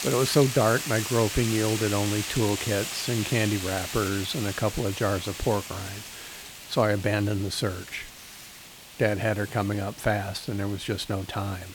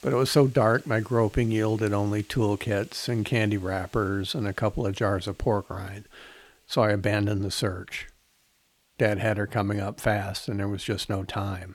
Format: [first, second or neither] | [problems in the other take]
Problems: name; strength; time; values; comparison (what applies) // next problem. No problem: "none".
second | hiss; loud; throughout; 7 dB below the speech; faint in the second